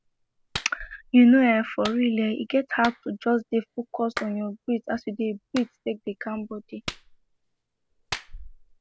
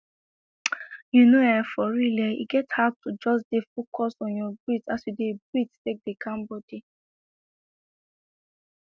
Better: second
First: background sound (Clapping); 16 dB below the speech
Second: none

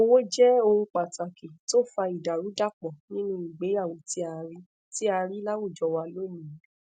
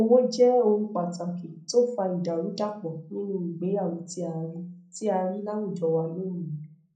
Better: first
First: none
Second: room echo; dies away in 0.5 s

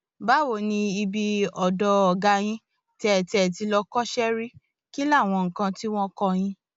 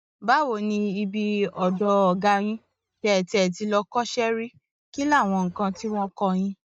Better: first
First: none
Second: noise reduction (neural mask model DeepFilterNet 3)

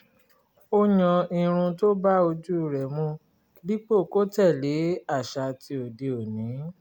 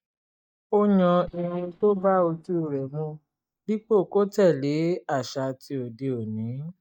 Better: first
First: none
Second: noise reduction (neural mask model DeepFilterNet 3)

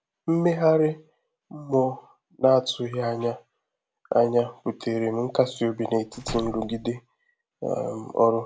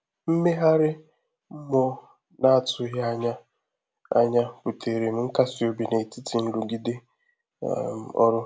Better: second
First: background sound (Slam); 13 dB below the speech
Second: none

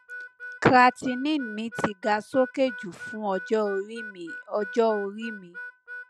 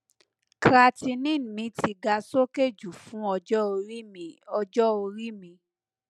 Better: second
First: background sound (Harmonica); 14 dB below the speech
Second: none

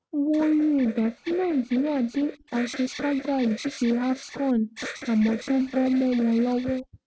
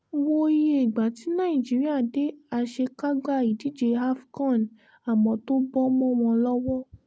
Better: second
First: noise reduction (neural mask model RNNoise)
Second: none

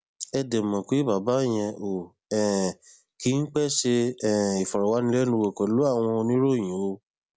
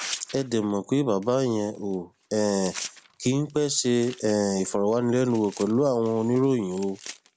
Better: first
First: none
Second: background sound (Tearing); 18 dB below the speech

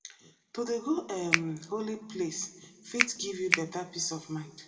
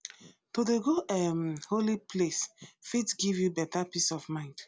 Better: second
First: background sound (Finger snapping); 4 dB above the speech // room echo; dies away in 1.7 s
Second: none

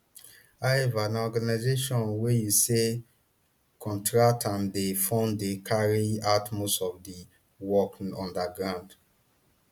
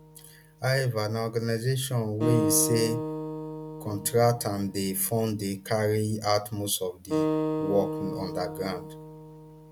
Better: first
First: none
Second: background sound (Acoustic guitar); 5 dB below the speech

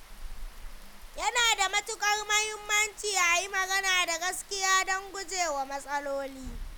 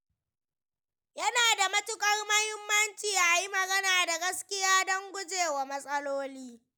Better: second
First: background sound (Rain); 15 dB below the speech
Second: none

